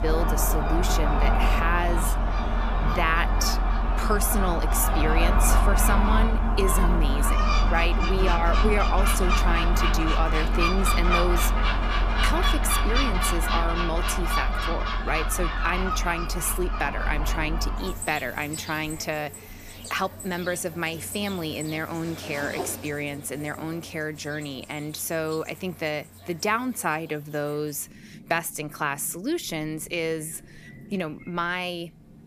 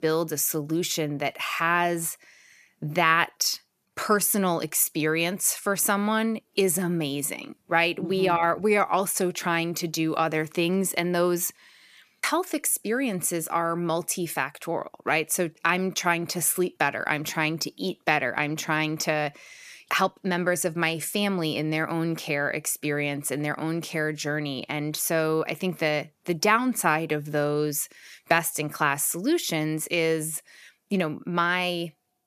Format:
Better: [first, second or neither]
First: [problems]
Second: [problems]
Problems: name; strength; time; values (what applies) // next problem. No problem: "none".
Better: second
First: animal sounds; very loud; throughout; 3 dB above the speech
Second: none